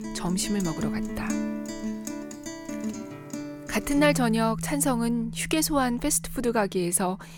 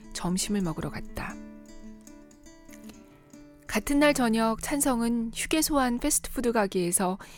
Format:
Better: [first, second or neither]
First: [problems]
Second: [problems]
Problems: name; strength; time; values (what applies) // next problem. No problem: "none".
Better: second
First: background music; loud; throughout; 9 dB below the speech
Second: background music; faint; throughout; 25 dB below the speech